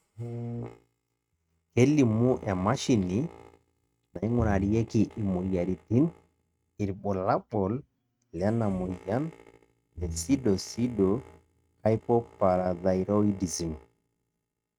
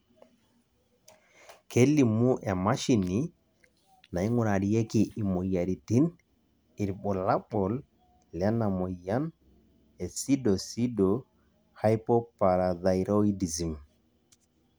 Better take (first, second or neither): second